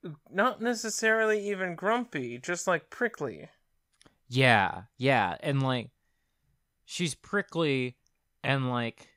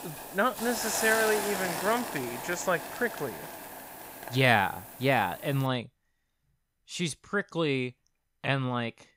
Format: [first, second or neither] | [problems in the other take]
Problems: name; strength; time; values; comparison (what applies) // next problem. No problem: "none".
first | hiss; loud; until 5.5 s; 7 dB below the speech